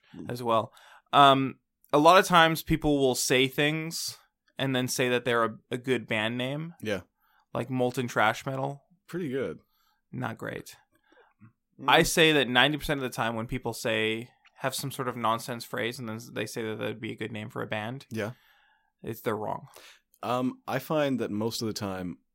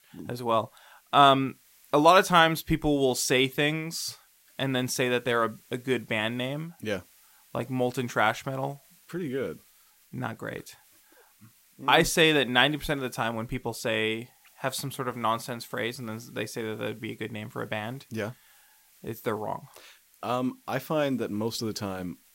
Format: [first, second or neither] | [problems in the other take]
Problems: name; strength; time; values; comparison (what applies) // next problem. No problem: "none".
first | hiss; faint; throughout; 30 dB below the speech